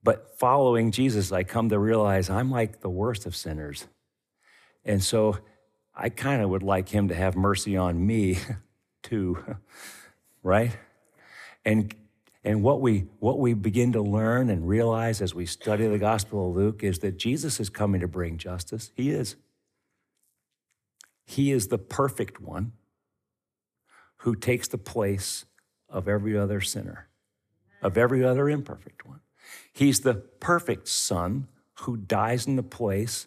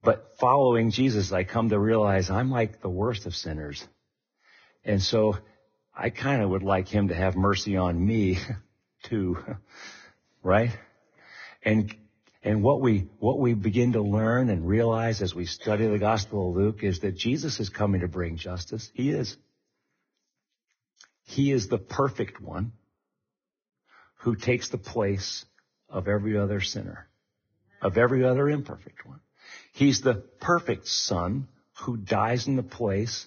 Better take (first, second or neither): first